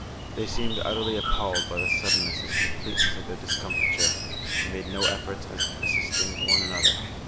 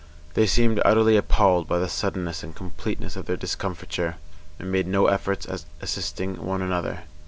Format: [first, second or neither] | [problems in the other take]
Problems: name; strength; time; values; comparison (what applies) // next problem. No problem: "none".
second | background sound (Bird); 5 dB above the speech